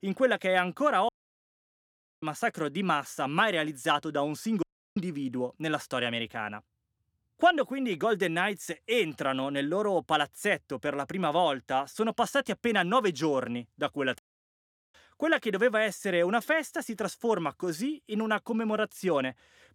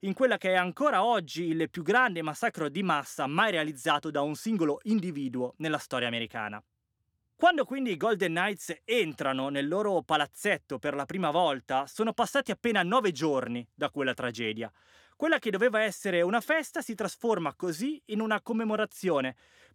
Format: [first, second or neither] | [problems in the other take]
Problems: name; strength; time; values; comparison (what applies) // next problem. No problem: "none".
second | audio cutting out; at 1 s for 1 s, at 4.5 s and at 14 s for 1 s